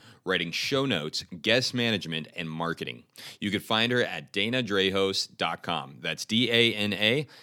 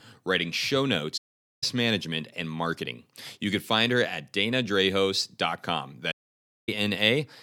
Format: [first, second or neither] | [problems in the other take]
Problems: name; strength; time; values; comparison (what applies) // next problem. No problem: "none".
first | audio cutting out; at 1 s and at 6 s for 0.5 s